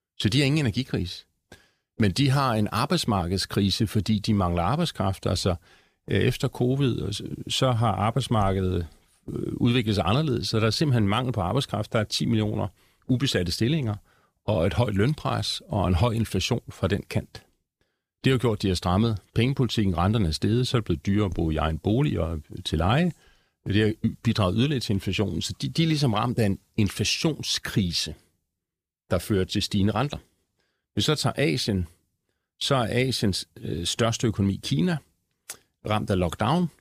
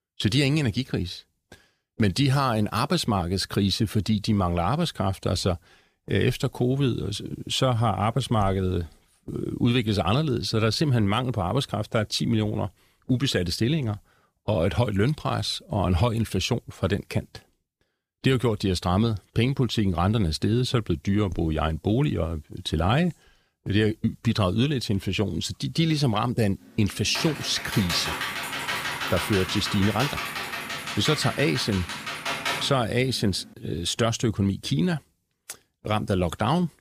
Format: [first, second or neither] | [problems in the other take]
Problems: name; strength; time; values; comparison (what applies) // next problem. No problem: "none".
first | keyboard typing; noticeable; from 27 to 33 s; peak 2 dB below the speech